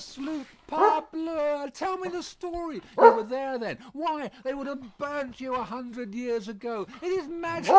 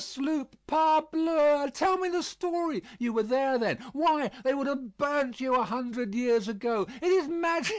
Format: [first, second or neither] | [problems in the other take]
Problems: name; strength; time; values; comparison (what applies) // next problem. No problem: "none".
second | background sound (Bark); 4 dB above the speech